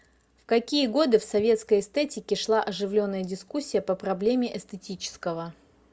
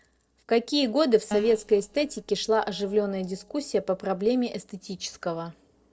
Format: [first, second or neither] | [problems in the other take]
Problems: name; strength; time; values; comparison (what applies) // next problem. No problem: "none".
first | noise reduction (neural separator model SepFormer DNS4)